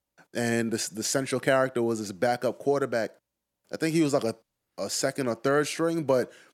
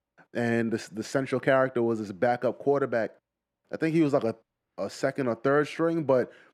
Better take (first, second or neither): first